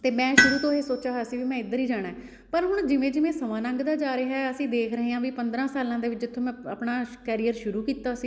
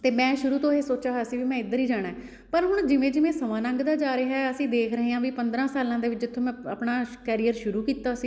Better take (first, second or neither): second